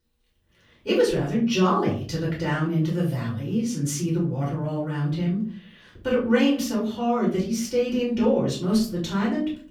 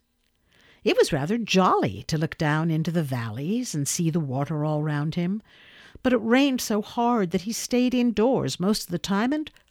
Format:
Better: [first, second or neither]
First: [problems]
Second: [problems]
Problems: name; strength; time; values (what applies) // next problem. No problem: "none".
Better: second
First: off-mic speech; far // room echo; slight; dies away in 0.5 s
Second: none